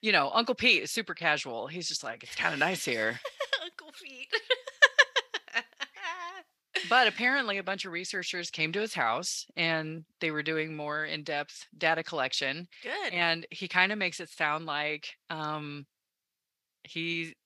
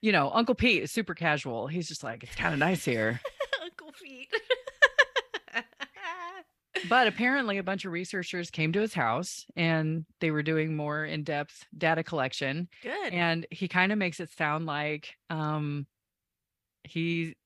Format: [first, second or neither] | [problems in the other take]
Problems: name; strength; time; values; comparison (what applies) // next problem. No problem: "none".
second | thin; somewhat; fading below 1 kHz